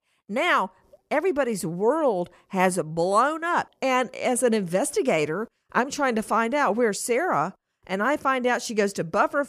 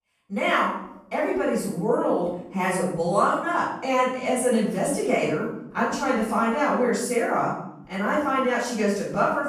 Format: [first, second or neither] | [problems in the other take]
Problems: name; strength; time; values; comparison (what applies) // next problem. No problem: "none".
first | off-mic speech; far // room echo; noticeable; dies away in 0.7 s